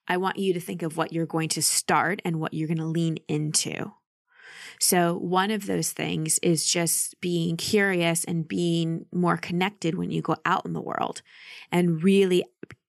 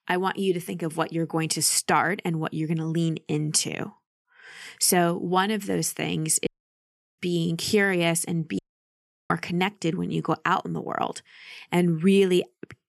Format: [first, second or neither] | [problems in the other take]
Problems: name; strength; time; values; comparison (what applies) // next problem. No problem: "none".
first | audio cutting out; at 6.5 s for 0.5 s and at 8.5 s for 0.5 s